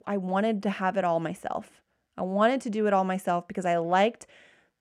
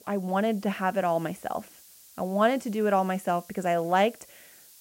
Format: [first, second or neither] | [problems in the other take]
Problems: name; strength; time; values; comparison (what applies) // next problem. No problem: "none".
first | hiss; faint; throughout; 25 dB below the speech